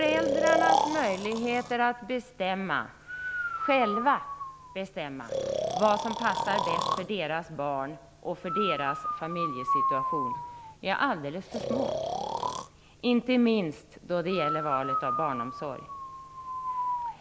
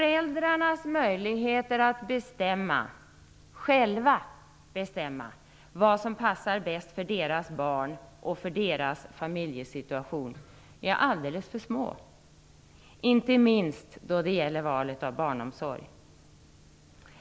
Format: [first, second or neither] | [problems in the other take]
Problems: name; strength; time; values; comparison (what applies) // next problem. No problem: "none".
second | background sound (Breathing); 2 dB below the speech